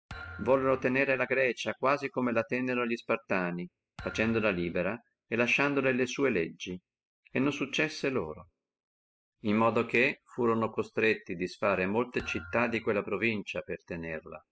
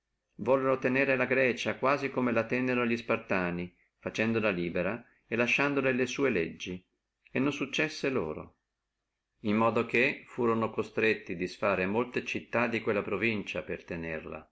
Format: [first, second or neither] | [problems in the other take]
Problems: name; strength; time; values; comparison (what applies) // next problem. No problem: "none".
second | noise reduction (classical method spectral subtraction)